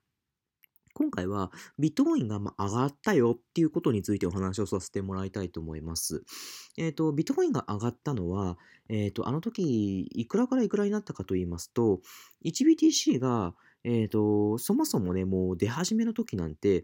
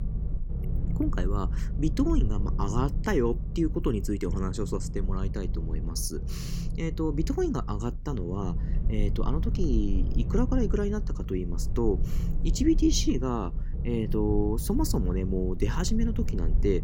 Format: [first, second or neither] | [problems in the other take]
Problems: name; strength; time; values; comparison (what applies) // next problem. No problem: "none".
first | low rumble; noticeable; throughout; 15 dB below the speech